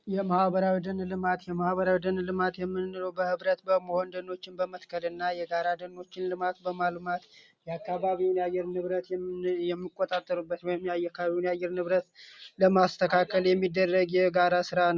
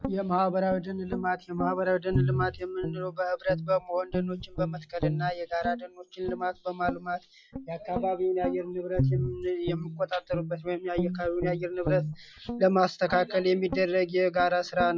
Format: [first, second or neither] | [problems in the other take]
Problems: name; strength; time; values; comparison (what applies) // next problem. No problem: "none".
first | noise reduction (classical method log-MMSE)